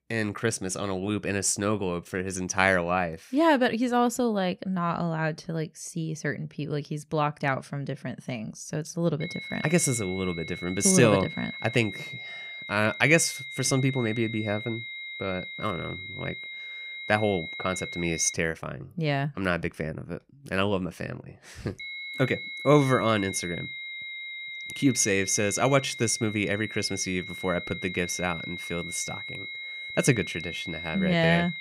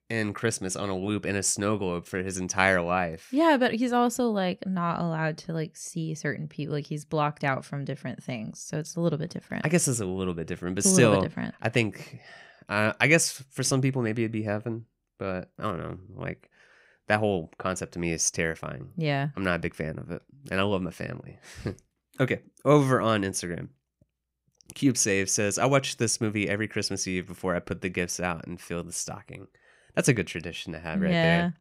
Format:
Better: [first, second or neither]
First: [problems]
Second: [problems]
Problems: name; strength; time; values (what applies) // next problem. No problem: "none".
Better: second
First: high-pitched whine; loud; from 9 to 18 s and from 22 s on; 2 kHz, 9 dB below the speech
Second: none